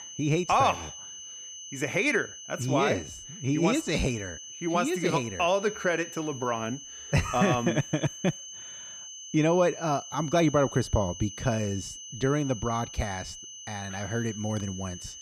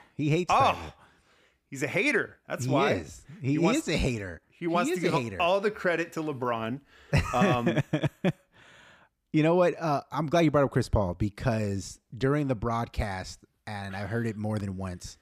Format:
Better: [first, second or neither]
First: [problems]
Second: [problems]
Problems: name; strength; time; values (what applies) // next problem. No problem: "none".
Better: second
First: high-pitched whine; noticeable; throughout; 6 kHz, 10 dB below the speech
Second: none